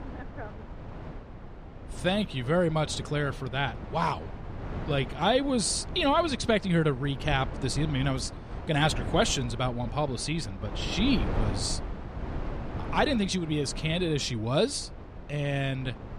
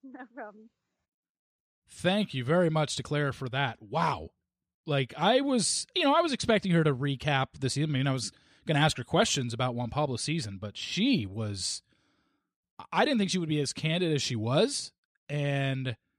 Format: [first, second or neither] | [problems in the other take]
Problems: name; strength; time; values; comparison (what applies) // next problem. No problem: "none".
second | wind noise on the microphone; occasional gusts; 15 dB below the speech